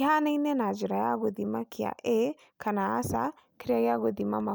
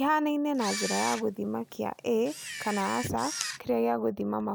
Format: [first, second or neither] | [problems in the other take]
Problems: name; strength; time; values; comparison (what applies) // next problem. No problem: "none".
first | background sound (Camera); 9 dB below the speech